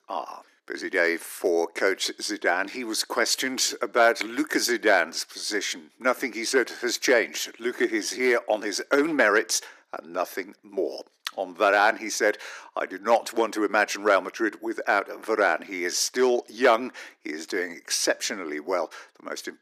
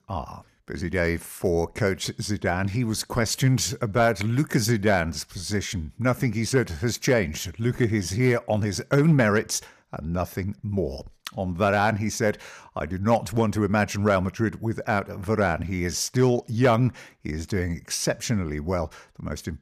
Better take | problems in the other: second | thin; very; fading below 300 Hz

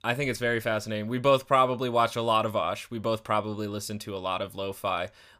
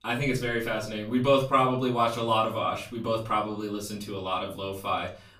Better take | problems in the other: first | room echo; slight; dies away in 0.4 s // off-mic speech; far

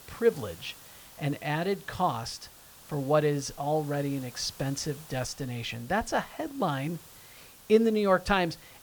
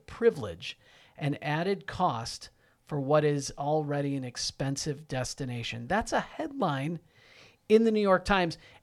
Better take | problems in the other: second | hiss; noticeable; throughout; 20 dB below the speech

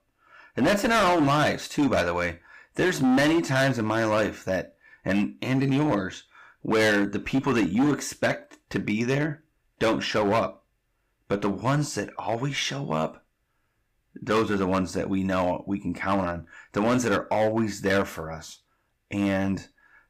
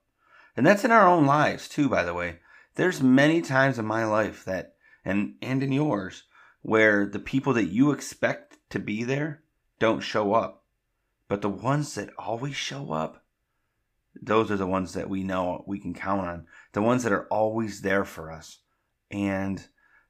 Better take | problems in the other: second | distortion; heavy; 9% of the sound clipped

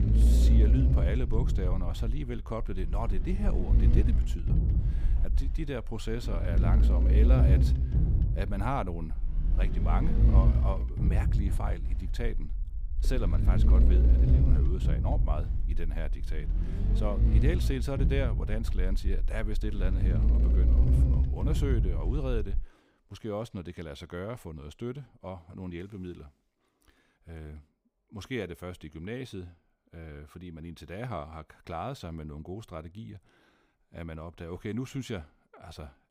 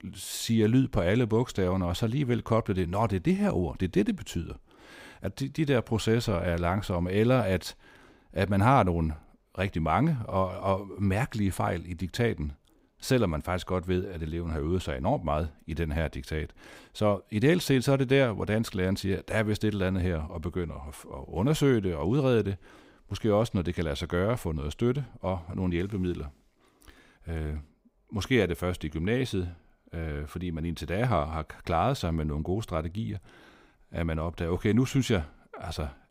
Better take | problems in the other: second | low rumble; loud; until 23 s; 2 dB below the speech

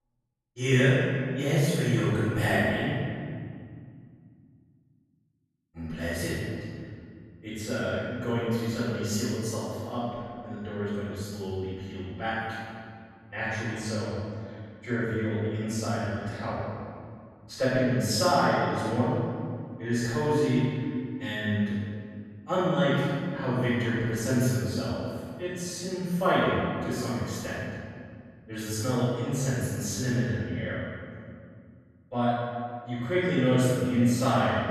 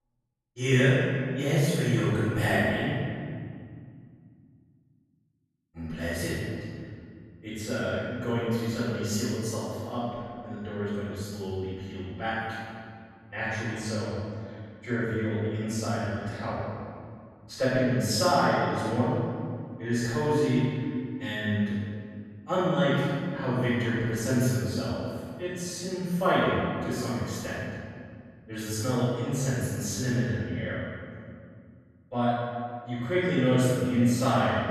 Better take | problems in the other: neither | off-mic speech; far; the same in both // room echo; strong; dies away in 2.1 s; the same in both

